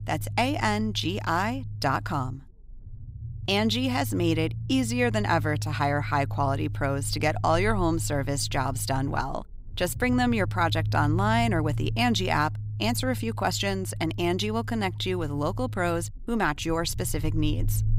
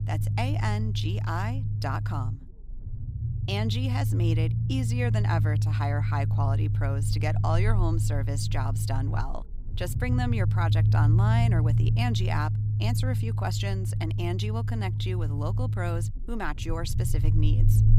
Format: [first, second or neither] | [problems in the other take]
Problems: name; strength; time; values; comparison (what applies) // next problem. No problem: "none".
first | low rumble; loud; throughout; 6 dB below the speech; faint in the first